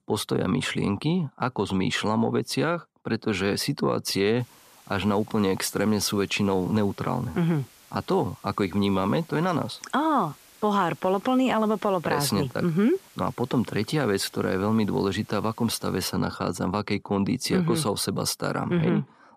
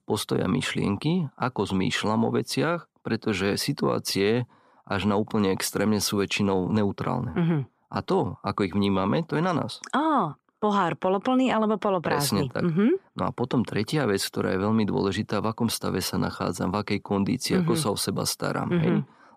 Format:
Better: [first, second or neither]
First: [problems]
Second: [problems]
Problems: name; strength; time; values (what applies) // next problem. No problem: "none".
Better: second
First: hiss; faint; from 4.5 to 16 s; 25 dB below the speech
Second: none